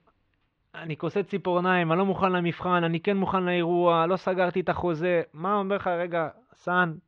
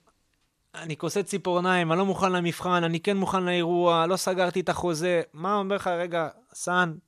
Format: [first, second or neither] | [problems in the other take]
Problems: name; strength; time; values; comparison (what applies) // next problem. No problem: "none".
second | muffled; very; fading above 3 kHz